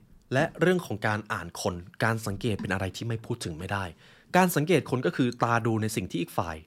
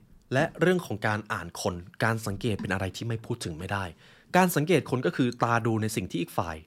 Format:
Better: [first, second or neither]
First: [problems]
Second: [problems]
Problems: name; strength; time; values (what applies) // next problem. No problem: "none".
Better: neither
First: none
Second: none